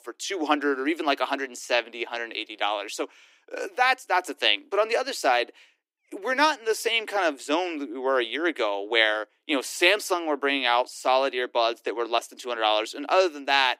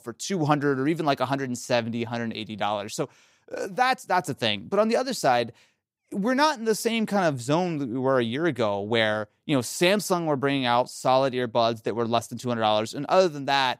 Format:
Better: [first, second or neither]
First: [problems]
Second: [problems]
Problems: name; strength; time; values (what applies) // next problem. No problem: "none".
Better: second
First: thin; somewhat; fading below 300 Hz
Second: none